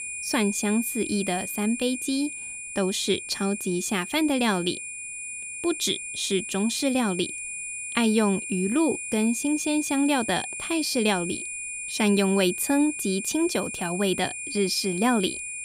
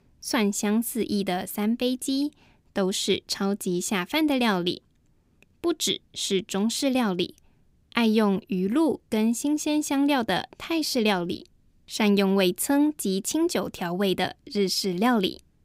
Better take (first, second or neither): second